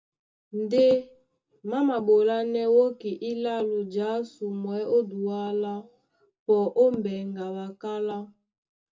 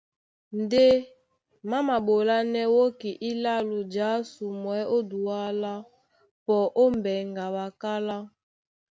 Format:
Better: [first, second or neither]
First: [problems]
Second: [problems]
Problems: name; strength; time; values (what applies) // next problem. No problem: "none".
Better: second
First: room echo; dies away in 0.2 s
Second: none